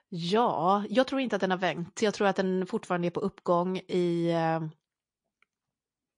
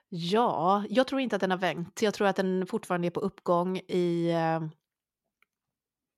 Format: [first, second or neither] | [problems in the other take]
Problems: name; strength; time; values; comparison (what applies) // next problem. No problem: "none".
second | garbled, watery; slightly; nothing above 10 kHz